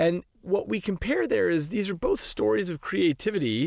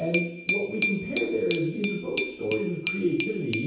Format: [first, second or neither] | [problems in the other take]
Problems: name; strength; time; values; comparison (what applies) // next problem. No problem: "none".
first | background sound (Glass); 5 dB below the speech // room echo; dies away in 0.9 s